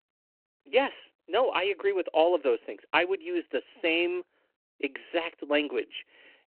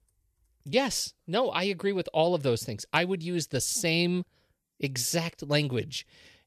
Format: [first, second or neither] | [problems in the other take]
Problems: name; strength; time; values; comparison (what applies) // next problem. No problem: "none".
second | phone-call audio